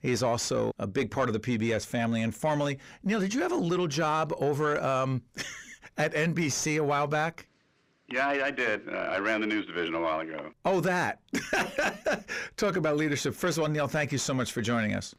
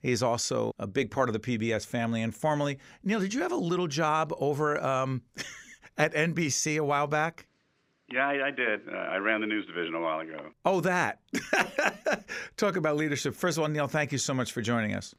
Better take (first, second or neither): second